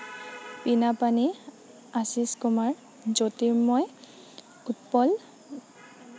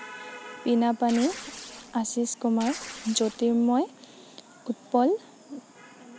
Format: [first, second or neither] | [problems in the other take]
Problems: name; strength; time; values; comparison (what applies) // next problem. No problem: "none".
first | background sound (Tearing); 13 dB below the speech